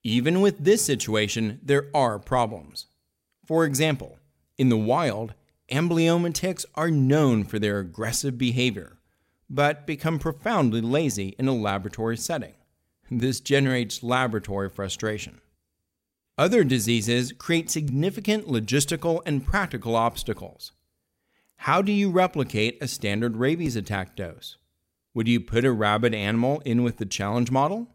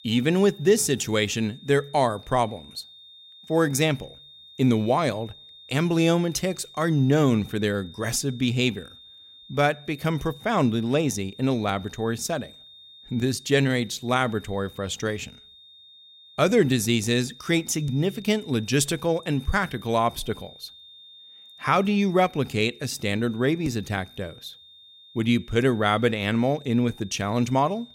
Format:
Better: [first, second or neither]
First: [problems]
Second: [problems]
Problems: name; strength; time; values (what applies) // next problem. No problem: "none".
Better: first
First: none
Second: high-pitched whine; faint; throughout; 3.5 kHz, 20 dB below the speech